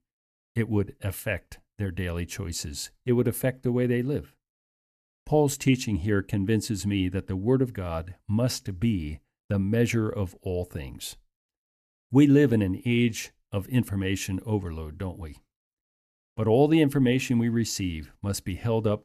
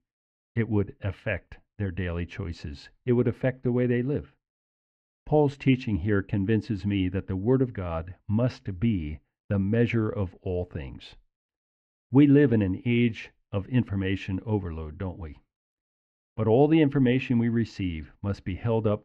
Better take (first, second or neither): first